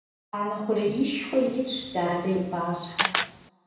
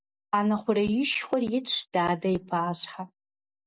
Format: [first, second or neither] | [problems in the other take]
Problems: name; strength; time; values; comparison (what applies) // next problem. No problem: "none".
second | background sound (Camera); 7 dB below the speech // room echo; dies away in 0.9 s